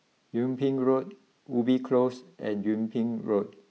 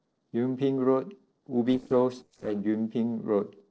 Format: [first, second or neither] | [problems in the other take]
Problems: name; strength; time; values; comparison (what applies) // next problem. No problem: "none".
first | noise reduction (neural separator model SepFormer DNS4)